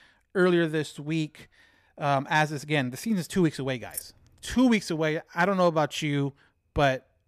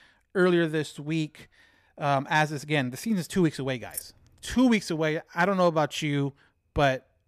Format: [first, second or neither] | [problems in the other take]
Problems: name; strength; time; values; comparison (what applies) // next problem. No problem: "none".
neither | jangling keys; faint; at 4 s; peak 10 dB below the speech; the same in both